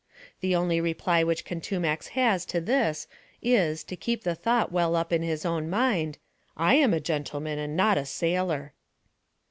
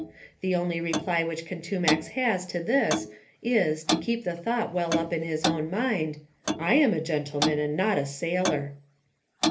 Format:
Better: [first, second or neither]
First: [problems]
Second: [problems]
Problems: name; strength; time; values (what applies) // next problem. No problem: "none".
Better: first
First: none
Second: background sound (Clock); 5 dB below the speech // room echo; dies away in 0.3 s